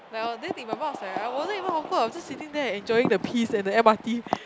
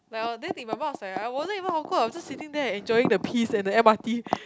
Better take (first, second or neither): second